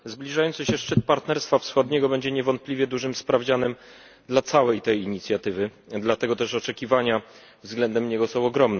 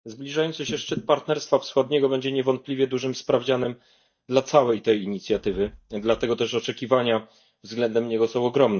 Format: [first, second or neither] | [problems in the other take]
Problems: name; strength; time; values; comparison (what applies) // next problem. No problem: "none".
first | noise reduction (neural mask model DeepFilterNet 3)